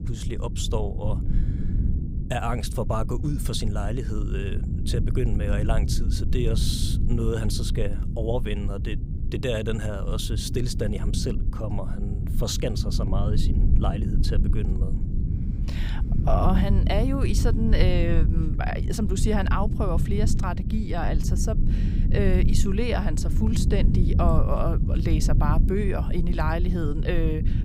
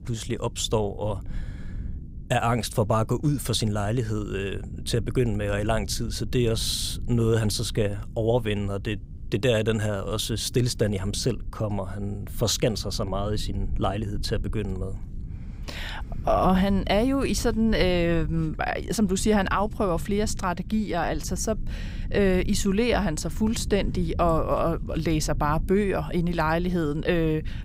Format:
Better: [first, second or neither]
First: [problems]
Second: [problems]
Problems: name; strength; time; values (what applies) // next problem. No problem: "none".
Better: second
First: low rumble; loud; throughout; 8 dB below the speech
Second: low rumble; faint; throughout; 25 dB below the speech